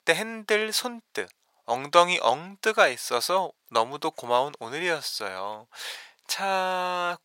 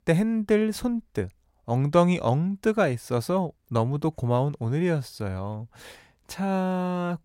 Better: second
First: thin; very; fading below 800 Hz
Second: none

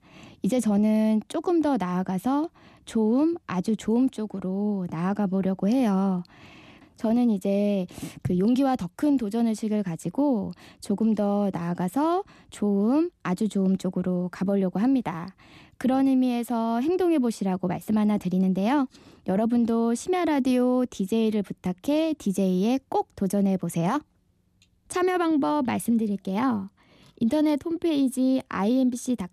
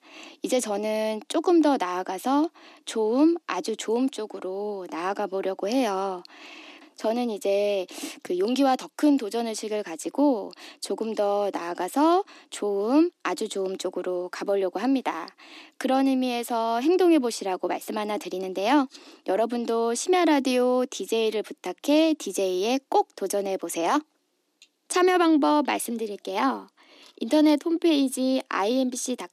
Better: first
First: none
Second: thin; somewhat; fading below 300 Hz

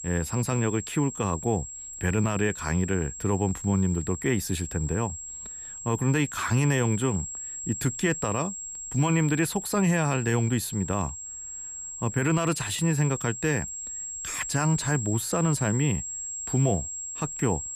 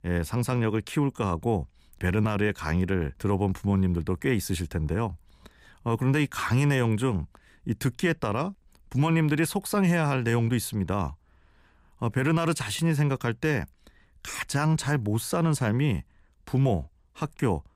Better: second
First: high-pitched whine; loud; throughout; 7.5 kHz, 7 dB below the speech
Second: none

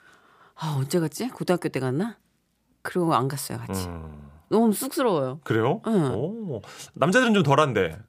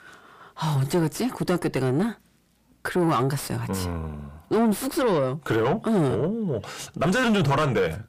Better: first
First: none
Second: distortion; heavy; 6 dB below the speech

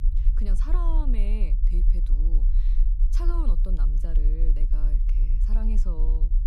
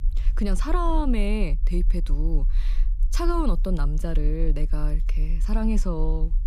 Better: second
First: low rumble; loud; throughout; 7 dB below the speech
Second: low rumble; faint; throughout; 20 dB below the speech

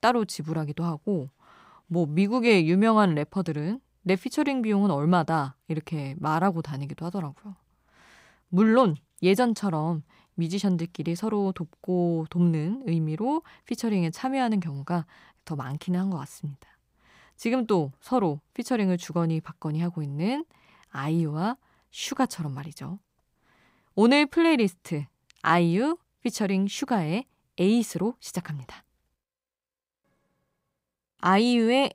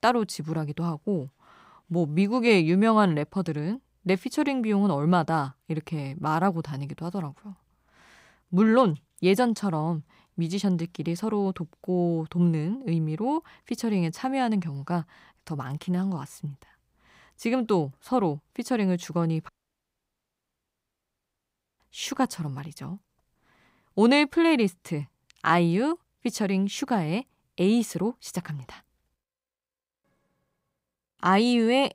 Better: first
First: none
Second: audio cutting out; at 19 s for 2.5 s

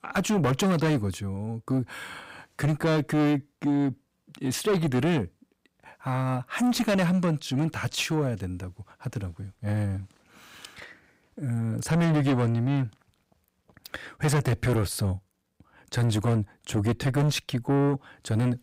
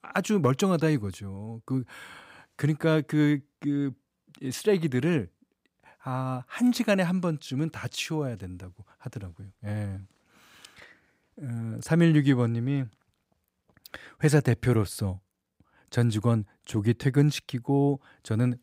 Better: second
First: distortion; heavy; 6 dB below the speech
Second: none

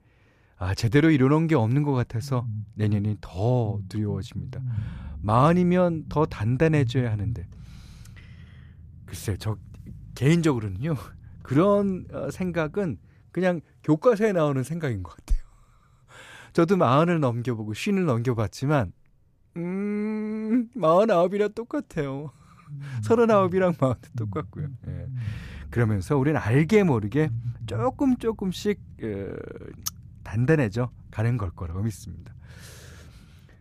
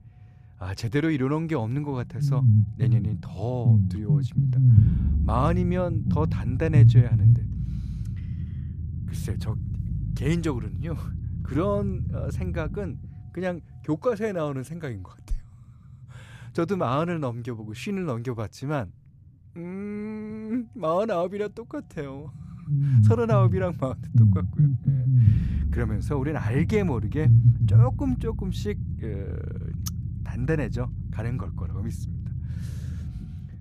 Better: first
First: low rumble; faint; throughout; 25 dB below the speech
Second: low rumble; loud; throughout; 5 dB below the speech

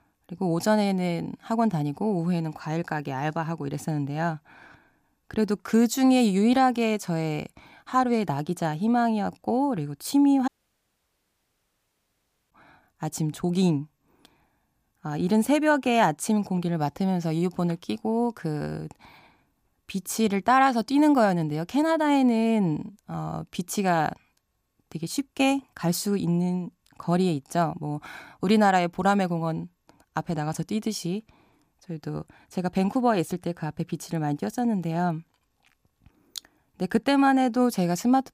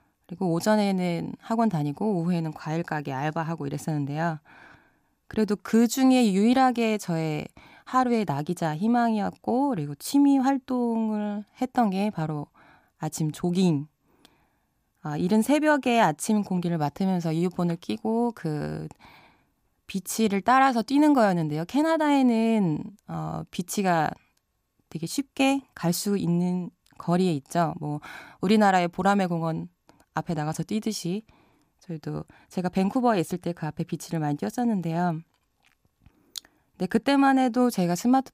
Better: second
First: audio cutting out; at 10 s for 2 s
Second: none

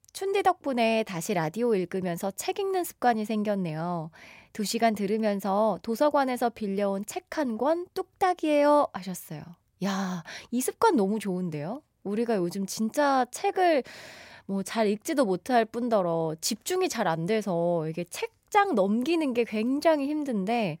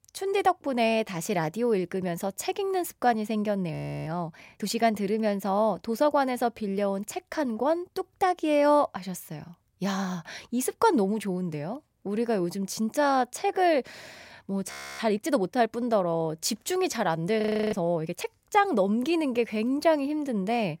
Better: first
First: none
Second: audio freezing; at 3.5 s, at 15 s and at 17 s

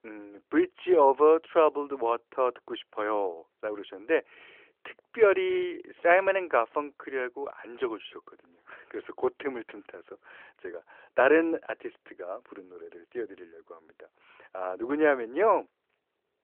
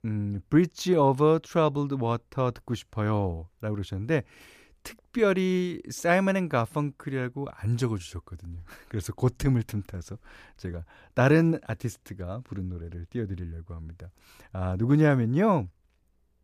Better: second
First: phone-call audio; nothing above 3 kHz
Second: none

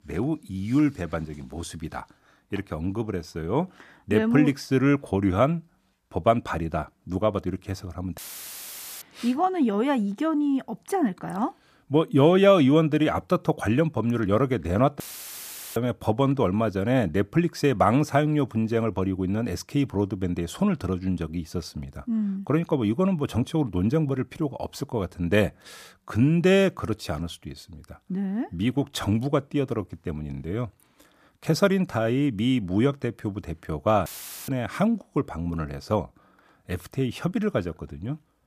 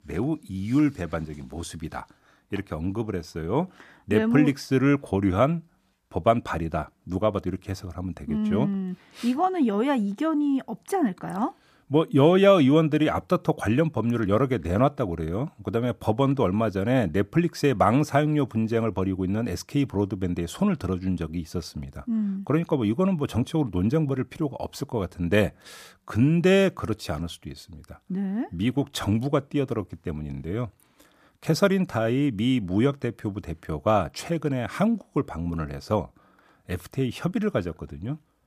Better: second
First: audio cutting out; filled with static; at 8 s for 1 s, at 15 s for 1 s and at 34 s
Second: none

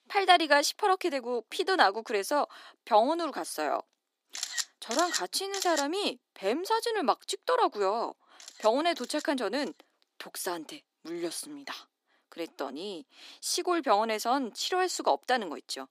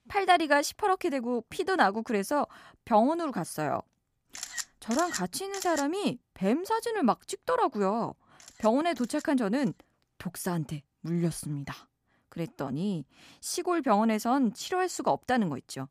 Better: second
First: thin; somewhat; fading below 300 Hz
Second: none

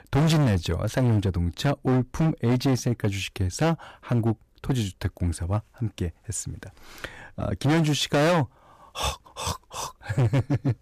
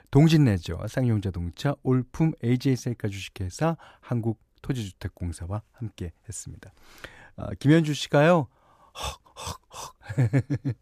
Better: second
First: distortion; heavy; 12% of the sound clipped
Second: none

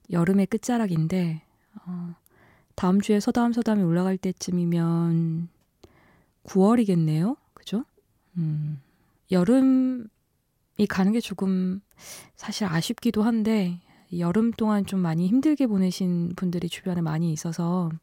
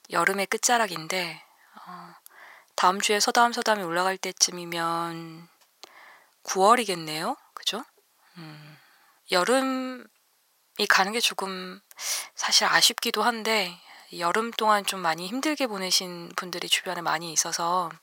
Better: first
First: none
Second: thin; very; fading below 950 Hz

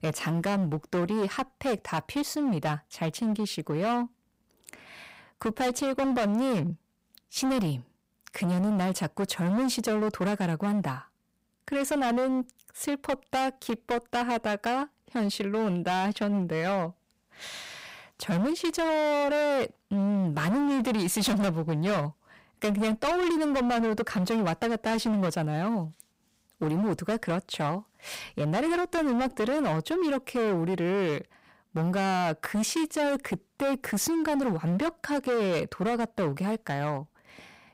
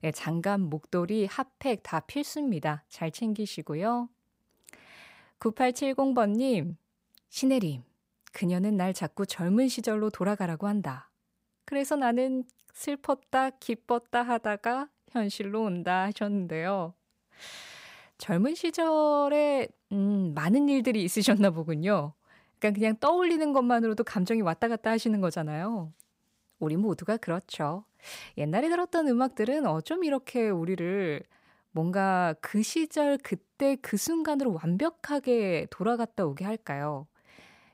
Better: second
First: distortion; heavy; 23% of the sound clipped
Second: none

